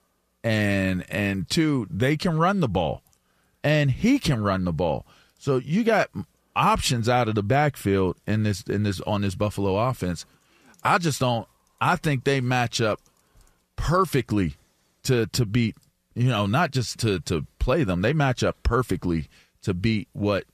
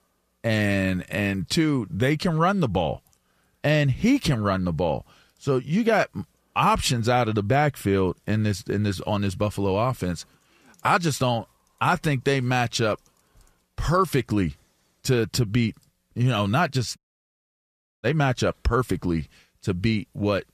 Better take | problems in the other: first | audio cutting out; at 17 s for 1 s

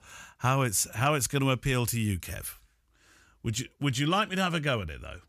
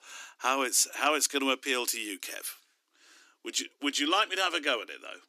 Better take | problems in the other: first | thin; somewhat; fading below 250 Hz

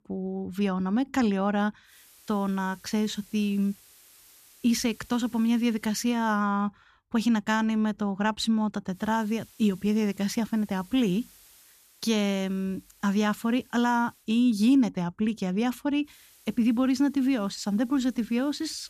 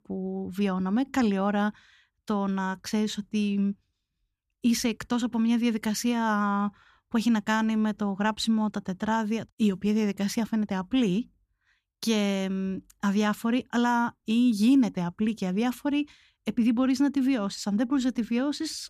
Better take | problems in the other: second | hiss; faint; from 2 to 6.5 s, from 9 to 14 s and from 16 s on; 25 dB below the speech

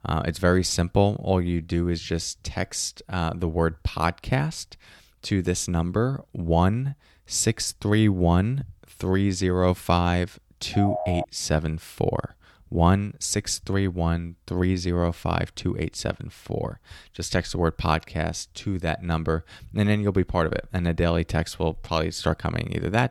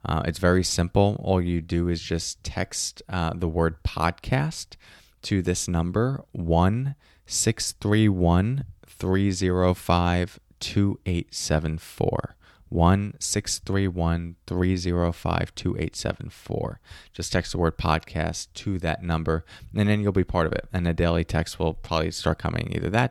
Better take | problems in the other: second | phone ringing; noticeable; at 11 s; peak 3 dB below the speech

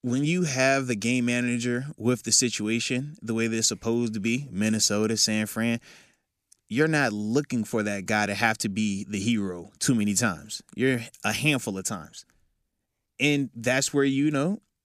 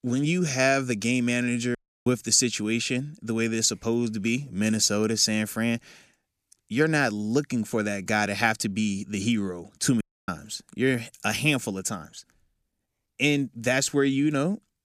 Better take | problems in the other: first | audio cutting out; at 2 s and at 10 s

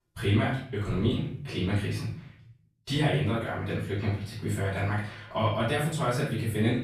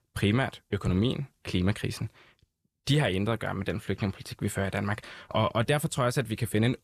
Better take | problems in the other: second | off-mic speech; far // room echo; noticeable; dies away in 0.5 s

